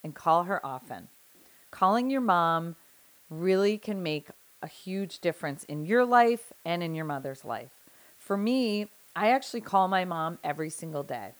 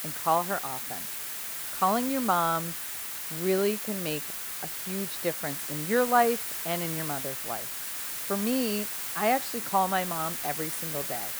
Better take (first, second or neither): first